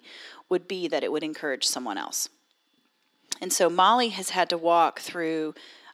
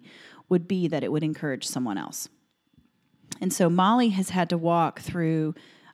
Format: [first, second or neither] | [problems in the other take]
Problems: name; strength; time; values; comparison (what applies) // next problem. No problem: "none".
second | thin; very; fading below 400 Hz